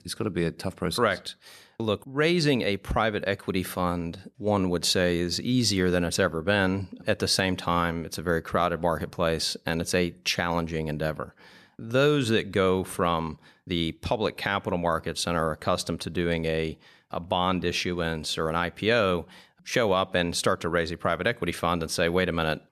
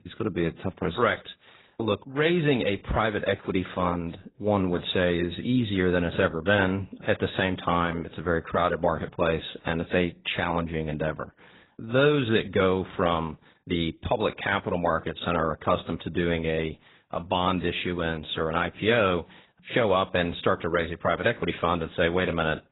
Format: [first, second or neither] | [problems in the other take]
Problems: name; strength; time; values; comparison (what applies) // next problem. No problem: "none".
first | garbled, watery; badly; nothing above 4 kHz